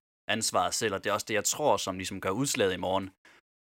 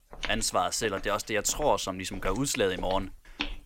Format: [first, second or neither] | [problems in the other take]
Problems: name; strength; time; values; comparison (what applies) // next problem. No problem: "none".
first | footsteps; noticeable; peak 7 dB below the speech